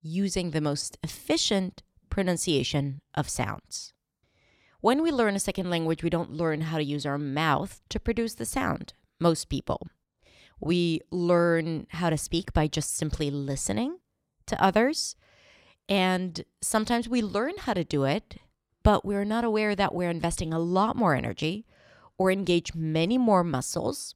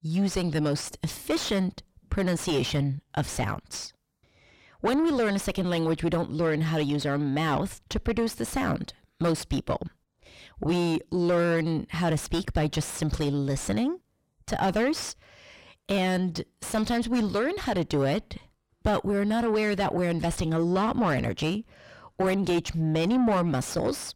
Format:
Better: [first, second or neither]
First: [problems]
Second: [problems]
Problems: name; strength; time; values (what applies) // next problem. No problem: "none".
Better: first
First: none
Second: distortion; heavy; 6 dB below the speech